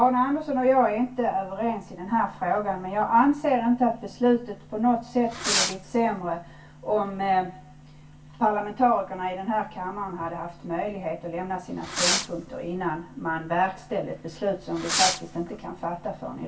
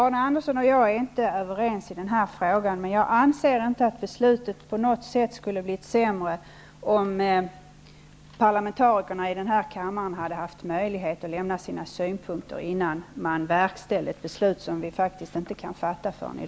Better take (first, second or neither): second